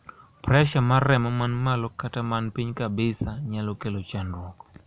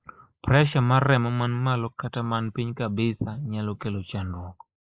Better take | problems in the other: first | noise reduction (neural mask model Resemble Enhance denoiser)

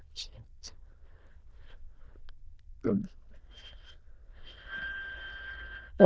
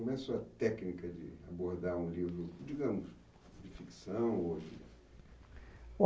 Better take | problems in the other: second | noise reduction (neural diffusion model UNIVERSE++)

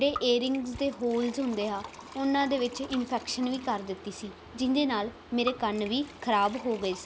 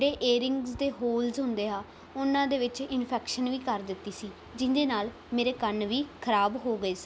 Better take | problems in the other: second | background sound (Liquid); 17 dB below the speech

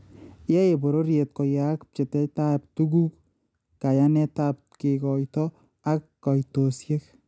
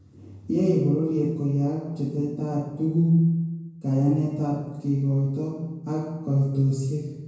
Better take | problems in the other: first | room echo; dies away in 1 s

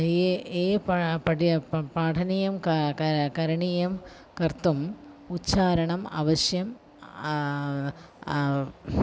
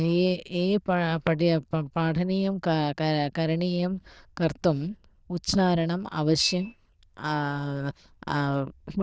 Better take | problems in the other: first | noise reduction (neural diffusion model UNIVERSE++)

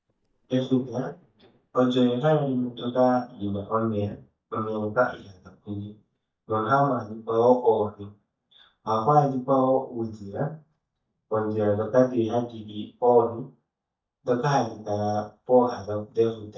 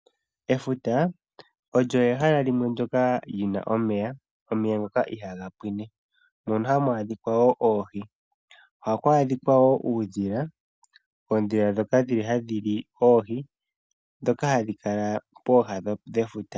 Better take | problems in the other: second | noise reduction (neural mask model DeepFilterNet 3)

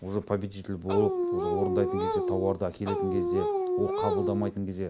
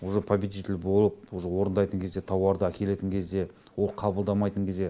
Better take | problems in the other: second | background sound (Dog); 2 dB above the speech

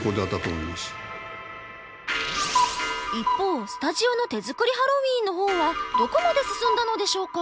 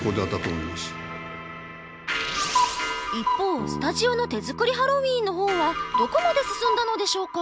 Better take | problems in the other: first | background sound (Bass guitar); 15 dB below the speech

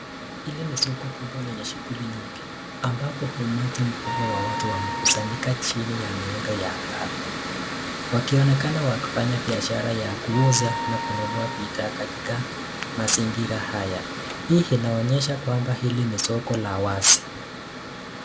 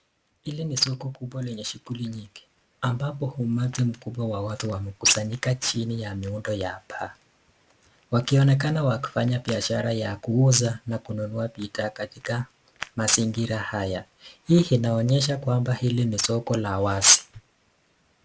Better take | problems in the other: second | background sound (Mechanical fan + Wind instrument, woodwind instrument); 6 dB below the speech

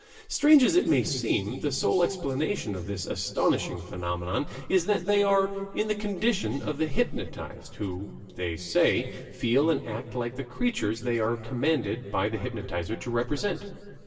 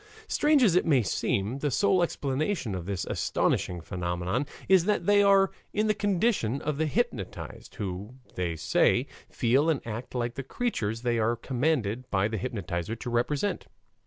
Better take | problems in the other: second | room echo; dies away in 1.7 s

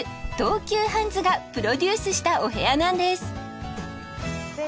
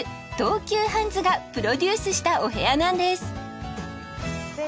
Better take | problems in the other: second | background sound (Thump, thud); 20 dB below the speech

